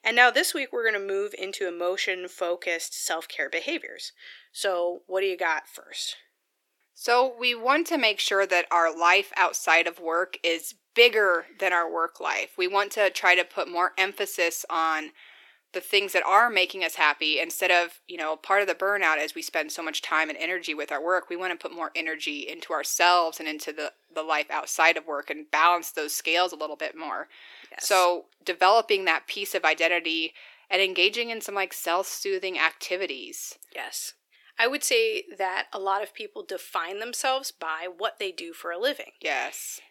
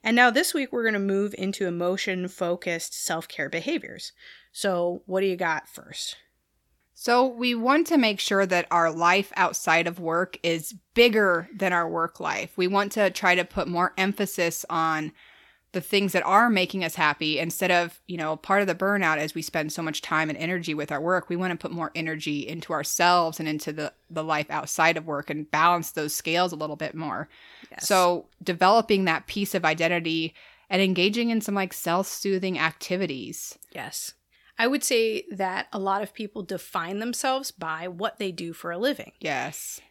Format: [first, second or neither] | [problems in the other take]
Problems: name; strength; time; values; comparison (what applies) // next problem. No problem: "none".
second | thin; very; fading below 350 Hz